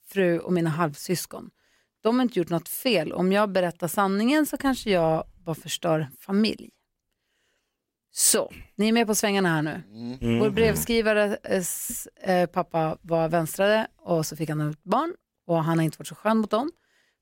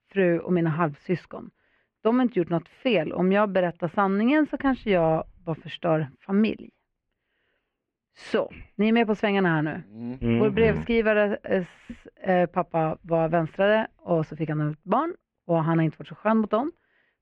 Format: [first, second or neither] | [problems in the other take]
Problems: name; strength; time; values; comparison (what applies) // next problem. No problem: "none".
first | muffled; very; fading above 2.5 kHz